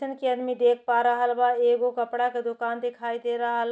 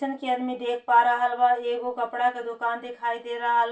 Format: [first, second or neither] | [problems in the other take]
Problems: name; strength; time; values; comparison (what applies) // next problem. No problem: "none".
first | room echo; dies away in 0.2 s